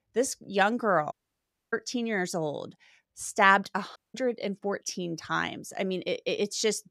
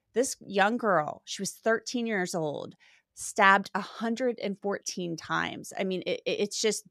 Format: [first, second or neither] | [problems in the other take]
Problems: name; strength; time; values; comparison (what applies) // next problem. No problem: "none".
second | audio cutting out; at 1 s for 0.5 s and at 4 s